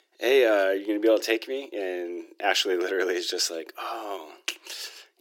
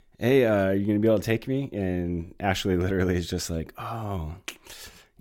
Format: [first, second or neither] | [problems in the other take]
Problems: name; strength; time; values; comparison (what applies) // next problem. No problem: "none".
second | thin; very; fading below 350 Hz